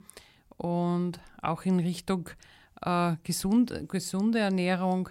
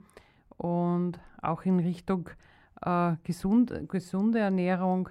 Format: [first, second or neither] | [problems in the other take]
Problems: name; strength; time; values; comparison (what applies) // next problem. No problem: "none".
first | muffled; slightly; fading above 2.5 kHz